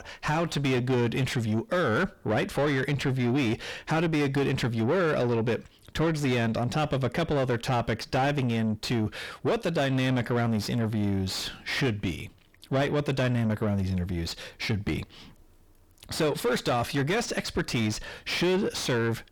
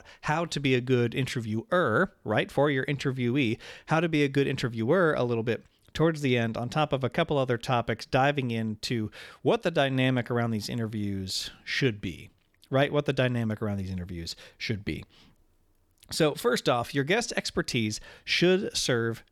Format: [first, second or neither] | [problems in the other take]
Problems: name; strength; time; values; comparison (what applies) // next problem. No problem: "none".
second | distortion; heavy; 7 dB below the speech